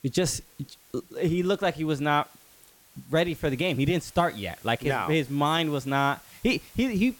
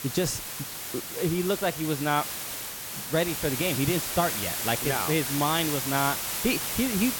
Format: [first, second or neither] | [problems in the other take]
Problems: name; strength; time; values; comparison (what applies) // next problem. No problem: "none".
first | hiss; loud; throughout; 2 dB below the speech; faint in the first